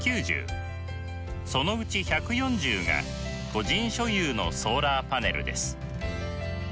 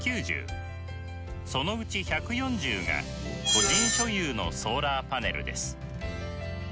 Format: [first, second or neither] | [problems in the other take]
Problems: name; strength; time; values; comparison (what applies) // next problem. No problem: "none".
first | background sound (Screech); 4 dB below the speech